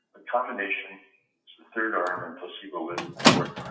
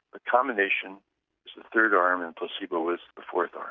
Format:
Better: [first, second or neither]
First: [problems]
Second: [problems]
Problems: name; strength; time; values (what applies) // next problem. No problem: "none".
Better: second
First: noise reduction (classical method WPE with log-MMSE)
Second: none